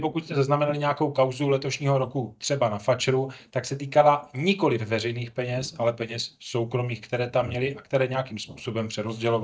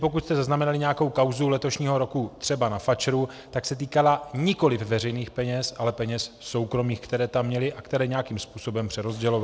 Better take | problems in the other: second | noise reduction (neural mask model DeepFilterNet 3)

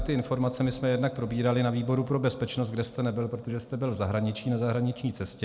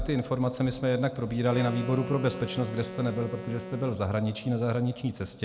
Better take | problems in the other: first | background sound (Wind instrument, woodwind instrument); 12 dB below the speech

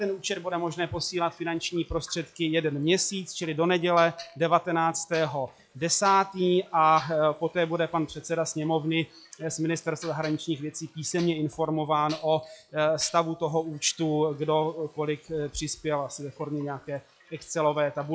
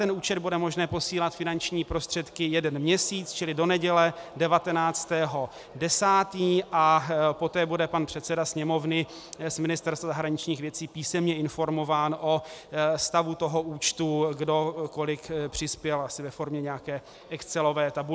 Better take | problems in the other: second | noise reduction (classical method log-MMSE)

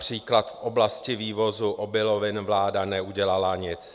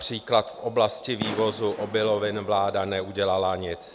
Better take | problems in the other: first | background sound (Fireworks); 15 dB below the speech

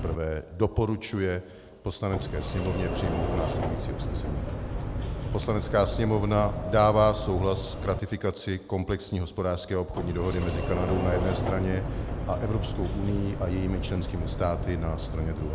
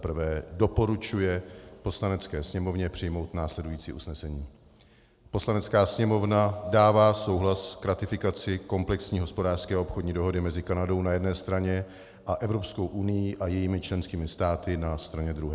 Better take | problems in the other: second | background sound (Sliding door); 4 dB below the speech

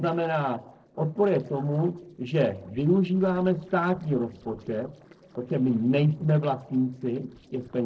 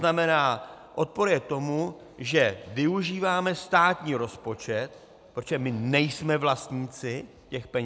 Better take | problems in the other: second | noise reduction (neural separator model SepFormer DNS4)

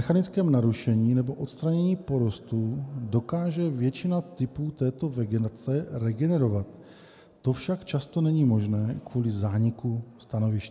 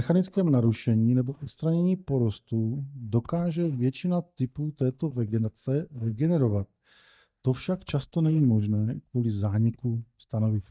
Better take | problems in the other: first | noise reduction (neural mask model DeepFilterNet 3)

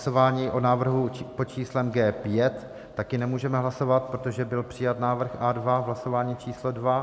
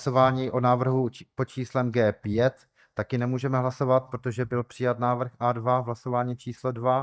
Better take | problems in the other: first | noise reduction (neural mask model DeepFilterNet 3)

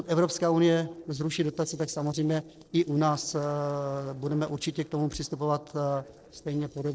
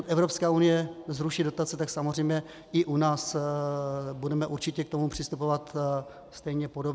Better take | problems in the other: second | noise reduction (neural separator model SepFormer DNS4)

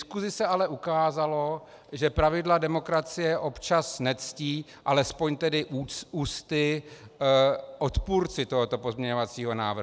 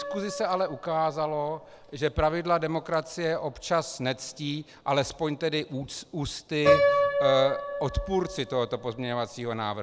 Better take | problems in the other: first | background sound (Piano); 3 dB below the speech

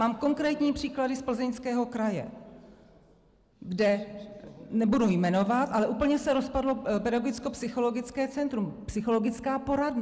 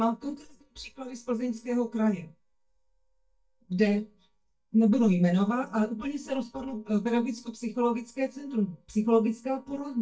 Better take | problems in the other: first | noise reduction (neural mask model DeepFilterNet 3)

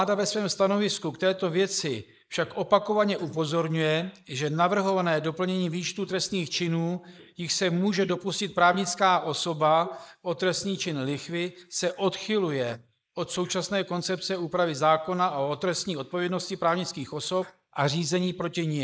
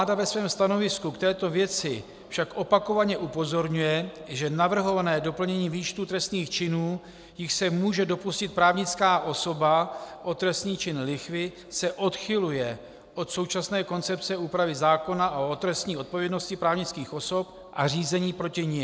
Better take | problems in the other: second | noise reduction (neural mask model Resemble Enhance denoiser)

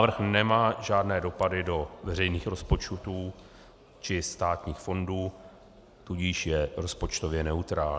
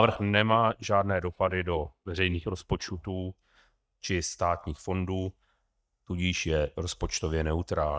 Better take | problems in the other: first | noise reduction (neural mask model DeepFilterNet 3)

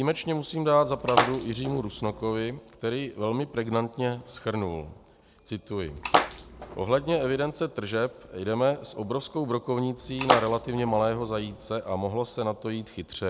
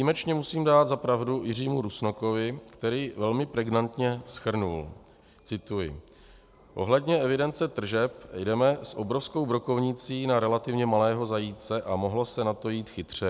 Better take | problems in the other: second | background sound (Splash, splatter); 2 dB below the speech

